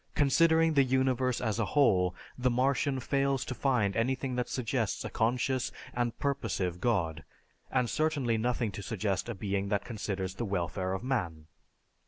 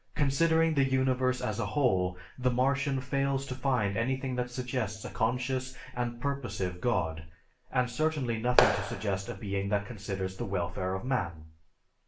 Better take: first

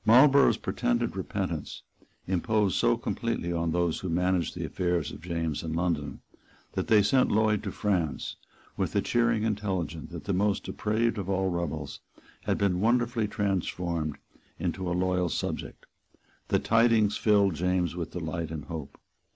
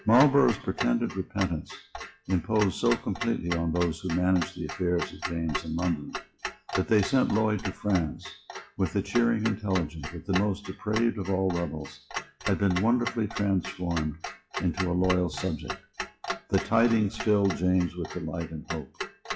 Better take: first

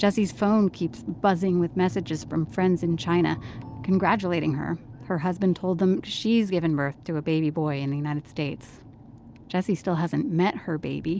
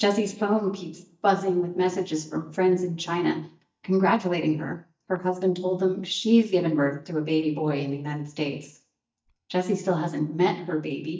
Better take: first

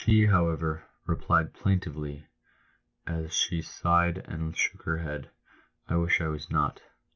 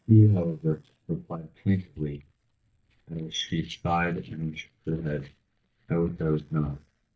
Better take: first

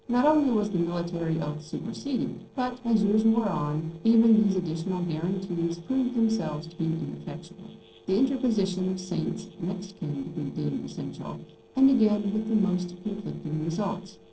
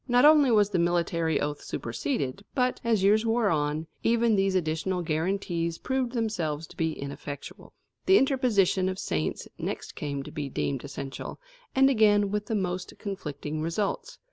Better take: second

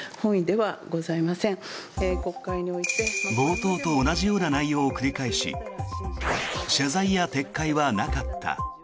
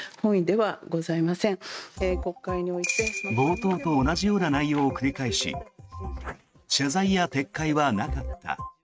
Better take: first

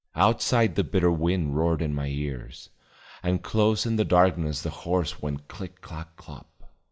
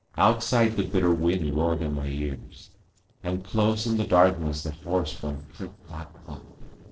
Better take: first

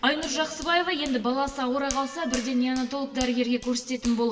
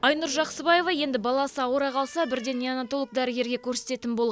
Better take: second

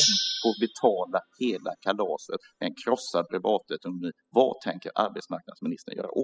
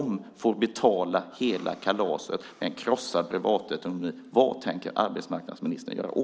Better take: second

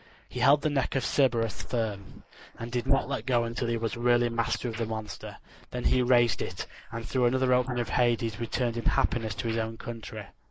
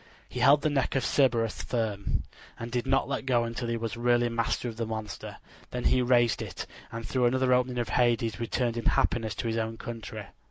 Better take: second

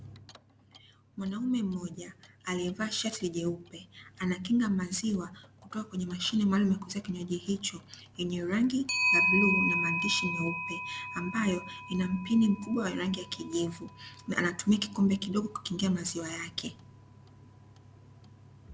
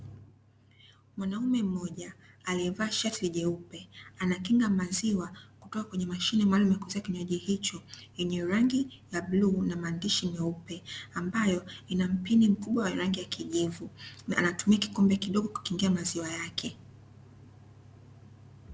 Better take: second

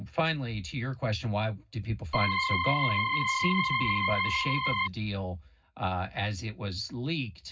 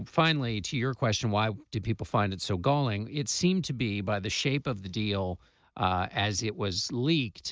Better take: second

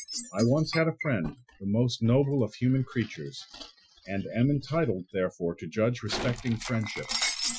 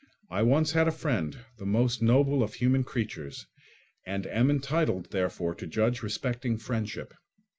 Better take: second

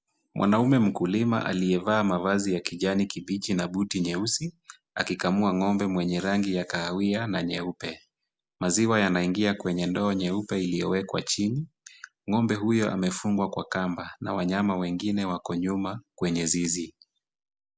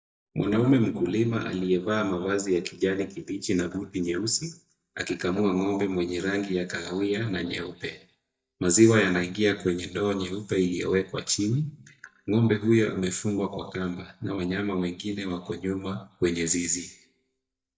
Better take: first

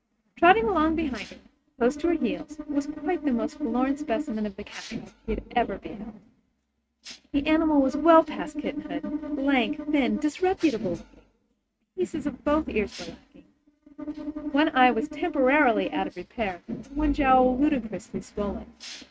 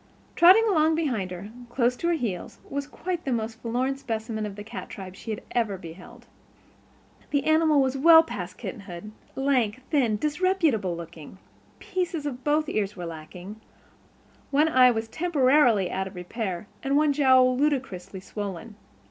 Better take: second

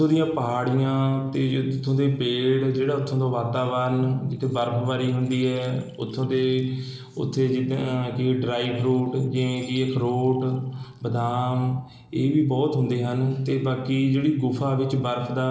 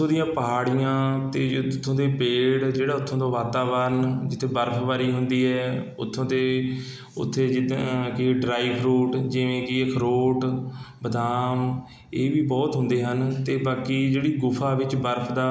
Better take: second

